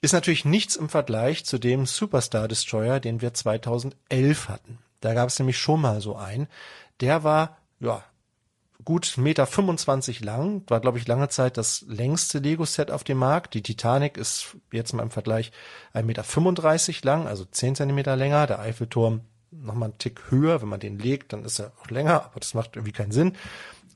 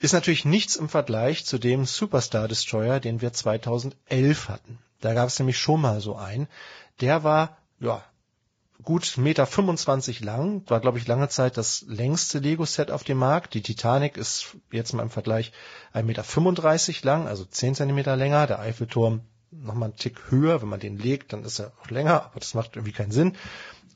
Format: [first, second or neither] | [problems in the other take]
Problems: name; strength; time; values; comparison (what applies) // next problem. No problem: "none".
first | garbled, watery; badly; nothing above 7.5 kHz; slightly in the first